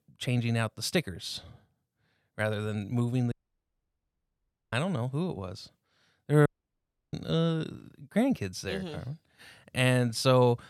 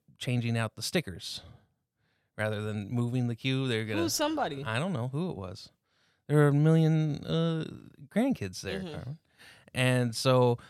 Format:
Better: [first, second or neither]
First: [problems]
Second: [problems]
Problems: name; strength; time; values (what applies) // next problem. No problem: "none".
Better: second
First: audio cutting out; at 3.5 s for 1.5 s and at 6.5 s for 0.5 s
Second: none